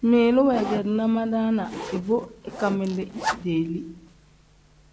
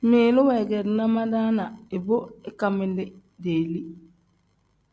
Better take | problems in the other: second | background sound (Zipper (clothing)); 12 dB below the speech

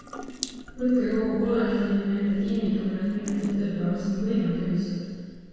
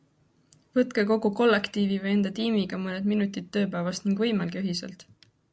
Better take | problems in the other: second | background sound (Drip / Sink (filling or washing) / Water tap, faucet); 14 dB below the speech // room echo; dies away in 2 s

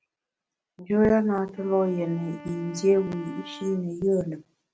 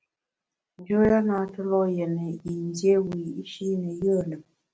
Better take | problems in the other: second | background sound (Wind instrument, woodwind instrument); 19 dB below the speech

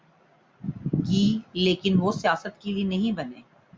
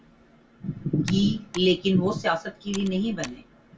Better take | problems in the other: first | background sound (Computer keyboard); 20 dB below the speech // room echo; dies away in 0.1 s

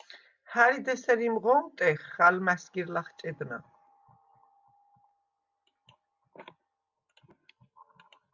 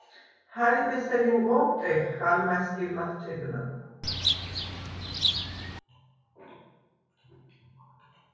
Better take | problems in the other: first | background sound (Bird); 1 dB below the speech // room echo; dies away in 1.3 s

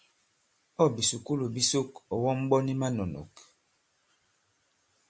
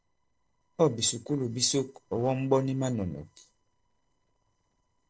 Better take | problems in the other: first | noise reduction (neural separator model SepFormer DNS4)

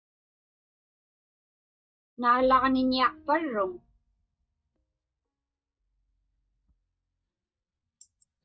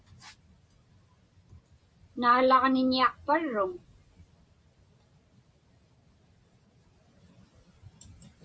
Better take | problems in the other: second | noise reduction (neural mask model DeepFilterNet 3)

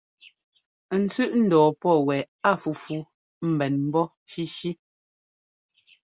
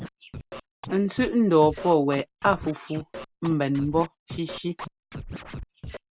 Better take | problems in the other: first | background sound (Scratching (performance technique)); 14 dB below the speech

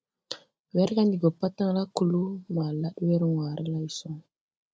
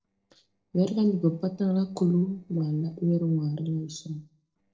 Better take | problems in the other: first | noise reduction (neural separator model SepFormer DNS4)

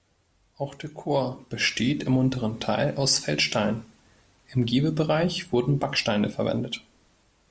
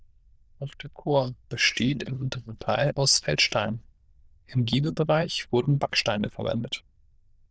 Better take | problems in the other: first | noise reduction (neural diffusion model UNIVERSE++)

